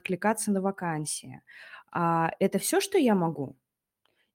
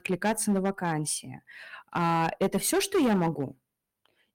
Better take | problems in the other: first | distortion; slight; 7% of the sound clipped

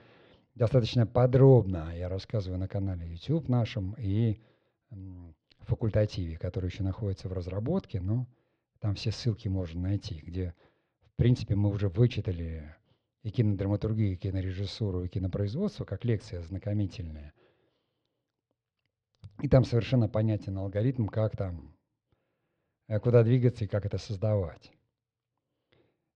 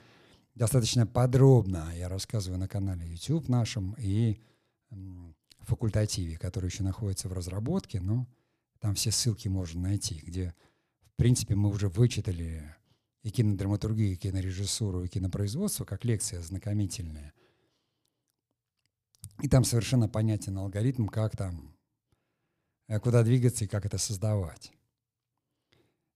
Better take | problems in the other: second | muffled; very; fading above 4 kHz

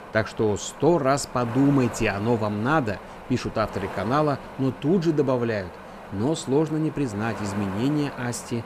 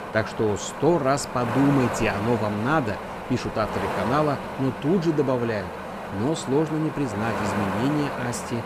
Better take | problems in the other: first | wind noise on the microphone; heavy; 3 dB below the speech; occasional gusts in the first

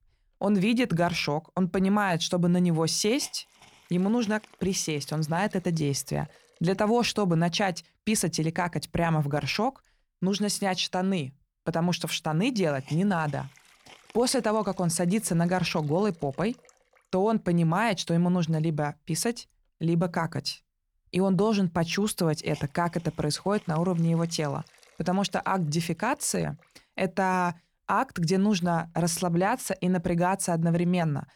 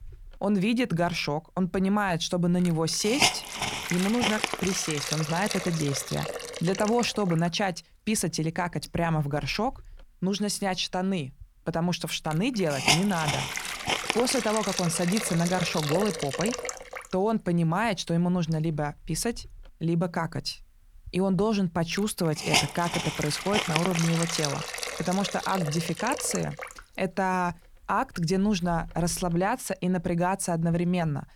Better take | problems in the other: first | hiss; loud; throughout; 2 dB below the speech; faint in the first

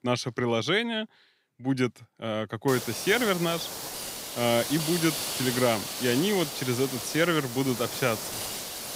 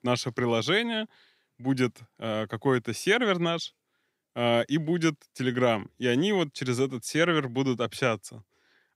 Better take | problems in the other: second | hiss; loud; from 2.5 s on; 5 dB below the speech

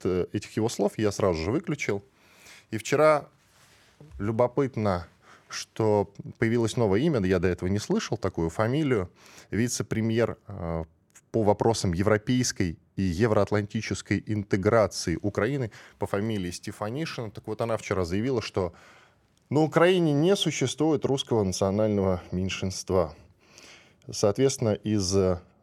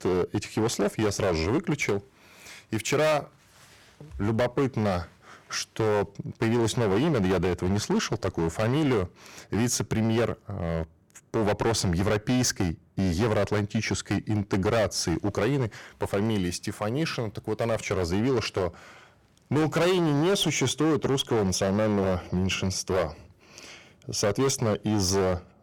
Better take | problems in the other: first | distortion; heavy; 15% of the sound clipped

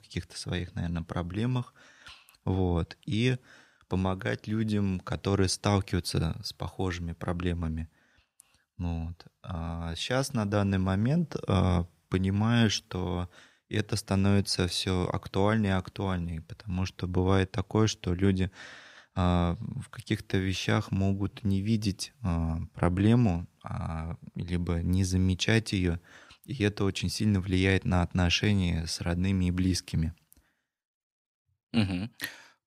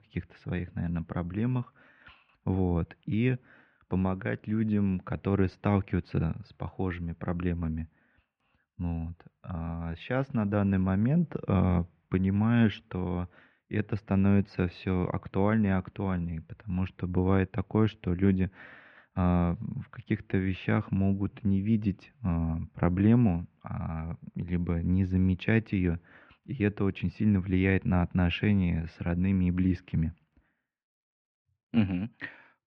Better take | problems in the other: first | muffled; very; fading above 2.5 kHz

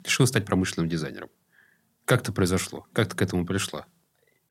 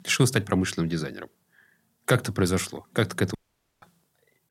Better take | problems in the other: first | audio cutting out; at 3.5 s

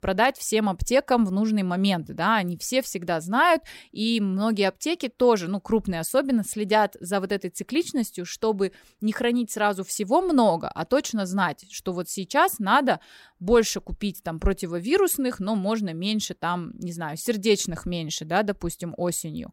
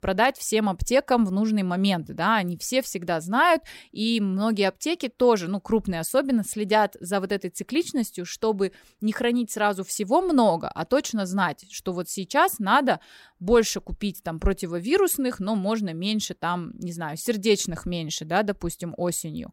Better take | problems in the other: neither | none

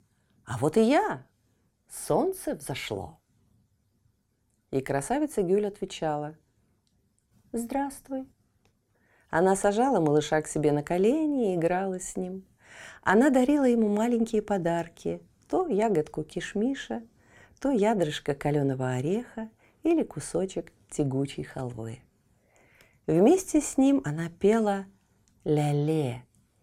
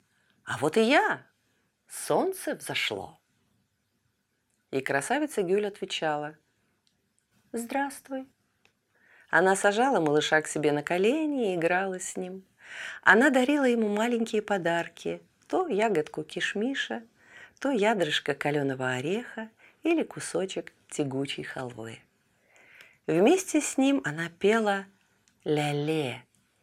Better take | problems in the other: first | thin; very slightly; fading below 250 Hz

